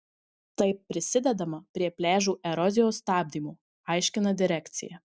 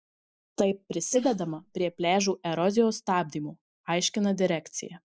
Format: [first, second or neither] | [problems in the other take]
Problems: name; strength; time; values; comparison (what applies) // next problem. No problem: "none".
first | noise reduction (neural mask model Resemble Enhance denoiser)